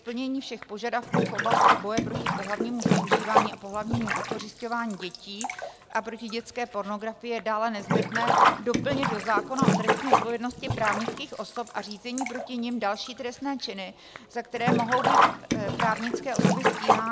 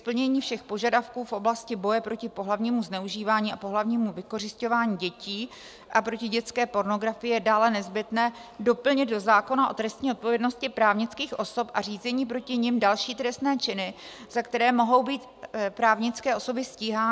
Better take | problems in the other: second | background sound (Sink (filling or washing)); 4 dB above the speech

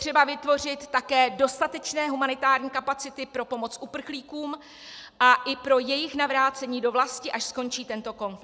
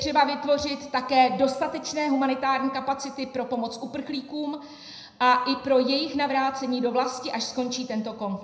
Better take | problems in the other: first | room echo; dies away in 0.7 s

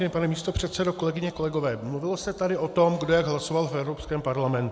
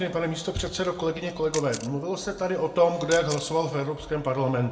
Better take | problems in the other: first | background sound (Camera); 15 dB below the speech // room echo; dies away in 0.4 s

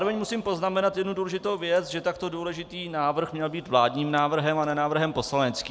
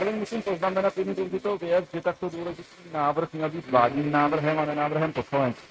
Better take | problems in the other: first | noise reduction (neural mask model RNNoise)

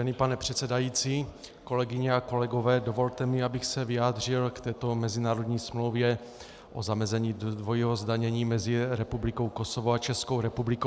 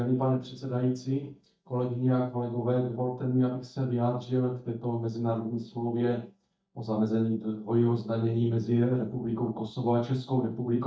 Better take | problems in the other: first | noise reduction (neural mask model DeepFilterNet 3)

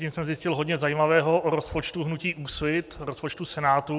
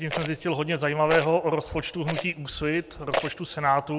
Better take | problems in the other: first | background sound (Rattle); 9 dB below the speech

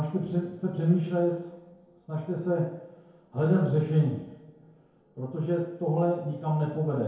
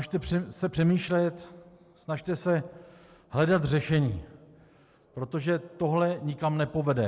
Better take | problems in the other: second | room echo; dies away in 0.9 s

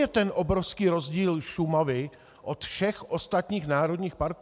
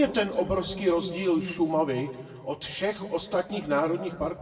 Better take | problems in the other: first | room echo; dies away in 1.3 s

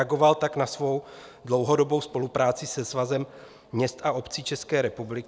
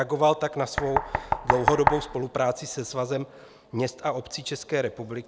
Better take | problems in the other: first | background sound (Knock); 1 dB below the speech

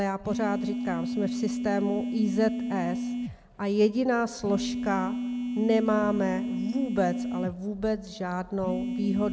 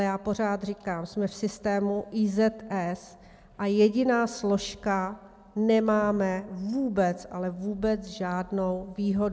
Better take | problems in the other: second | background sound (Telephone); 3 dB below the speech

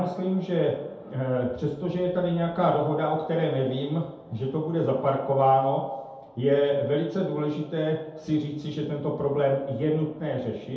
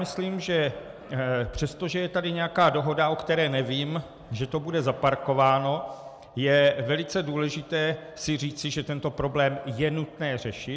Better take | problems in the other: second | room echo; dies away in 0.8 s

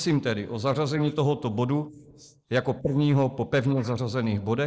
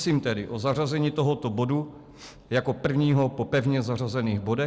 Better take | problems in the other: second | noise reduction (neural mask model Resemble Enhance denoiser)

